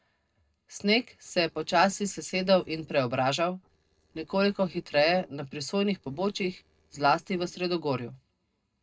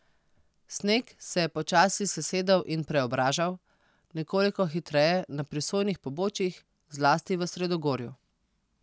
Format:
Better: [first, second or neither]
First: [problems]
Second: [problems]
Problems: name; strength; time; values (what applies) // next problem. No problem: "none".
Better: second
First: noise reduction (neural separator model SepFormer DNS4)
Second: none